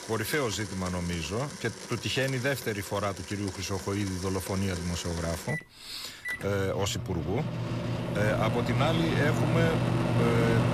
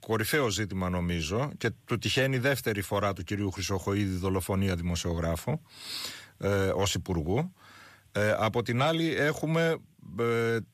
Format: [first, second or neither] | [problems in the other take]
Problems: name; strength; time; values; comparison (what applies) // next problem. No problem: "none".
second | household noises; loud; throughout; 2 dB below the speech